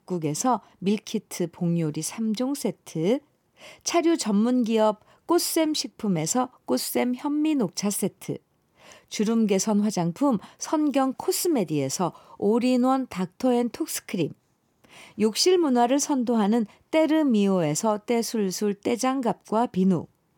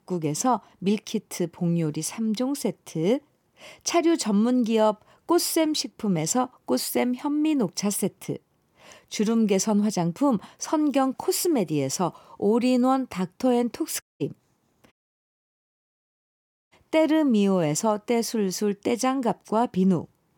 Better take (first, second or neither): first